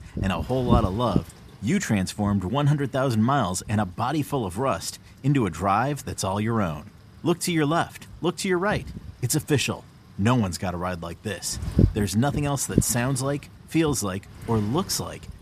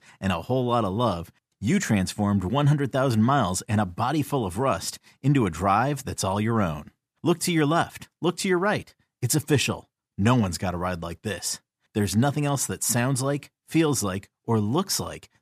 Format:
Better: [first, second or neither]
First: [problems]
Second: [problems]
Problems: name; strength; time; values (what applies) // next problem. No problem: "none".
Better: second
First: wind noise on the microphone; occasional gusts; 10 dB below the speech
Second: none